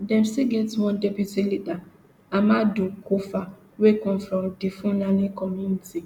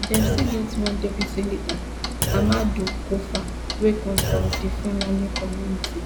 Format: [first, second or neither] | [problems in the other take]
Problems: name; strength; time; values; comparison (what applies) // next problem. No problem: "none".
first | background sound (Thump, thud + Clock); as loud as the speech